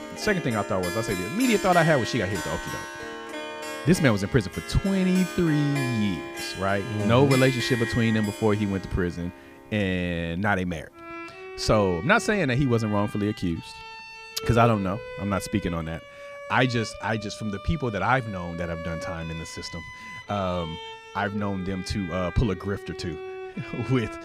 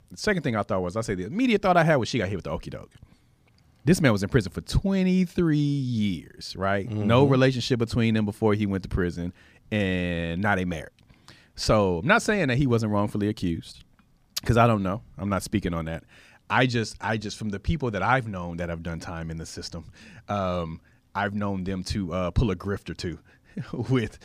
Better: second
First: background music; loud; throughout; 10 dB below the speech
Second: none

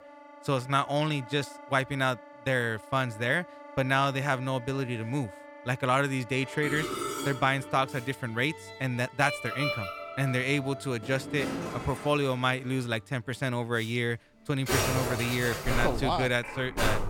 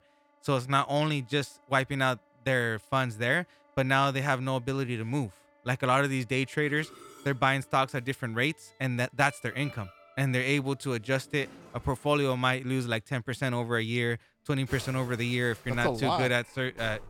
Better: second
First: background music; loud; throughout; 7 dB below the speech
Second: background music; faint; throughout; 25 dB below the speech

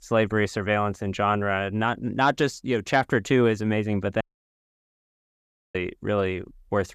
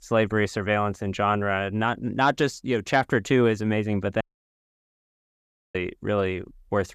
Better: neither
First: audio cutting out; at 4 s for 1.5 s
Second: audio cutting out; at 4 s for 1.5 s

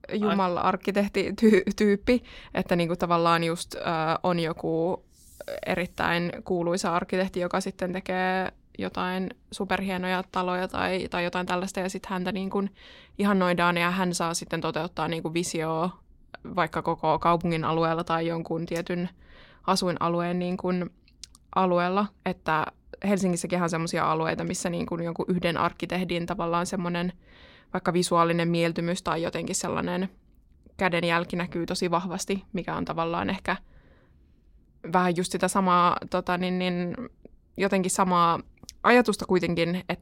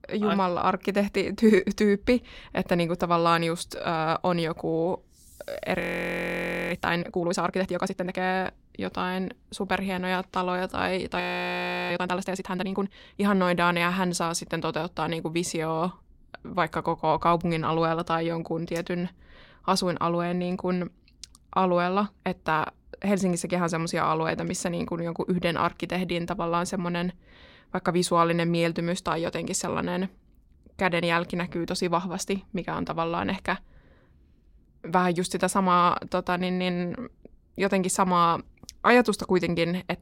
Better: first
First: none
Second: audio freezing; at 6 s for 1 s and at 11 s for 0.5 s

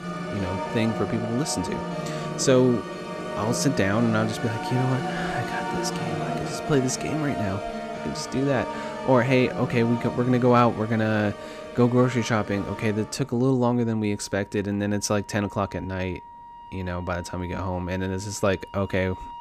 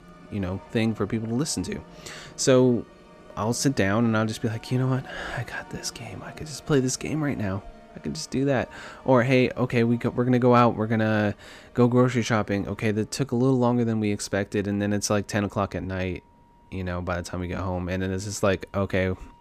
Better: second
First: background music; loud; throughout; 7 dB below the speech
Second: background music; faint; throughout; 25 dB below the speech

